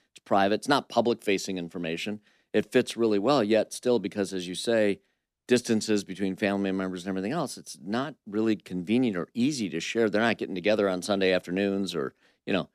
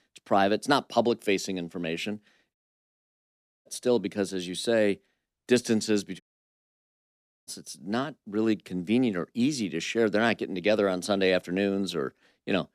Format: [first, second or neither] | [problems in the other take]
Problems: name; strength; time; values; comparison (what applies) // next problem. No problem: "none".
first | audio cutting out; at 2.5 s for 1 s and at 6 s for 1.5 s